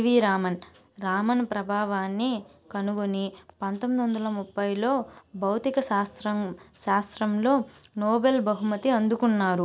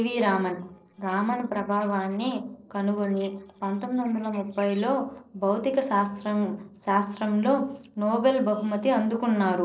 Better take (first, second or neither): first